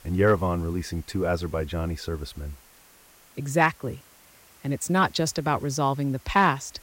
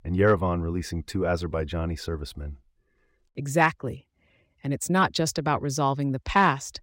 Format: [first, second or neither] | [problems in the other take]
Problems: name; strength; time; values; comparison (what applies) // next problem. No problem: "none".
second | hiss; faint; throughout; 25 dB below the speech